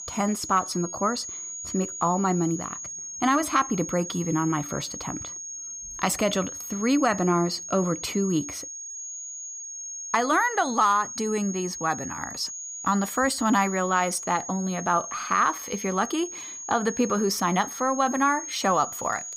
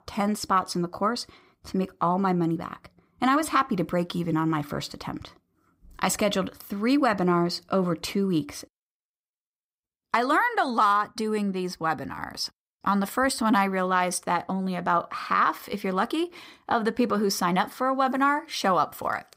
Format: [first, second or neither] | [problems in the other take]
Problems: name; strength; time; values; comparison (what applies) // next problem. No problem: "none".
second | high-pitched whine; loud; throughout; 6.5 kHz, 8 dB below the speech